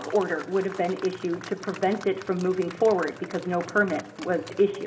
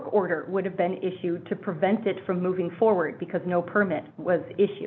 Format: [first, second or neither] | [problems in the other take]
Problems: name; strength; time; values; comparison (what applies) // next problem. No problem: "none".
second | background sound (Applause / Crowd); 16 dB below the speech // room echo; dies away in 0.9 s